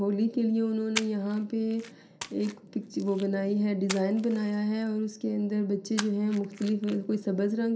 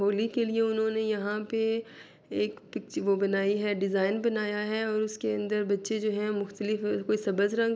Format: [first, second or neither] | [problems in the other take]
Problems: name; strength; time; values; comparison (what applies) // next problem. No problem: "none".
second | background sound (Splash, splatter); 15 dB below the speech // room echo; dies away in 0.3 s